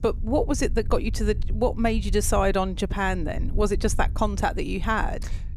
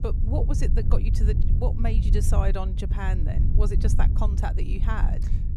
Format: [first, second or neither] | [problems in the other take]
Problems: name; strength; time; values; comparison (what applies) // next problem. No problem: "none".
first | low rumble; loud; throughout; 6 dB below the speech; faint in the first